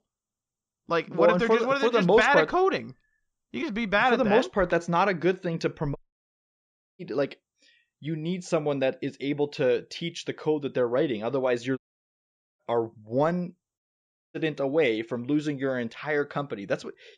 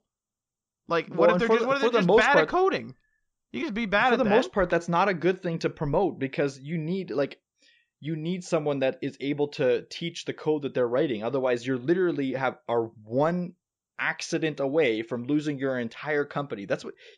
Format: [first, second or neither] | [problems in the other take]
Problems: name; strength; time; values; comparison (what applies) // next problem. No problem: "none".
second | audio cutting out; at 6 s for 1 s, at 12 s for 1 s and at 14 s for 0.5 s